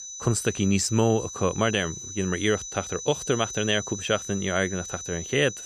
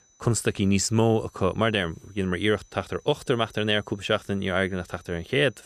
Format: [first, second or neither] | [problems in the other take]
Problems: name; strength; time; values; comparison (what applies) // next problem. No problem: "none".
second | high-pitched whine; loud; throughout; 6 kHz, 8 dB below the speech; faint in the second